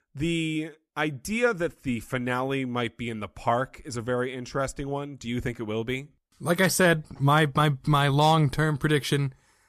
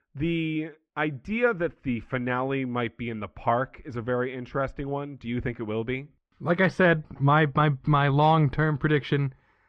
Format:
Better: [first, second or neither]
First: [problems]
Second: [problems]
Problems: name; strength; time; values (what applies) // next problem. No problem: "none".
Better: first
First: none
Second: muffled; very; fading above 2.5 kHz